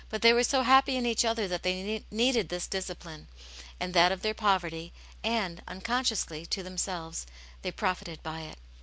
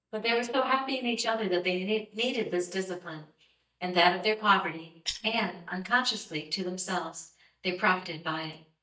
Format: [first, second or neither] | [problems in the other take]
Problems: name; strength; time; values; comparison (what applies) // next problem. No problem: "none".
first | noise reduction (neural mask model DeepFilterNet 3)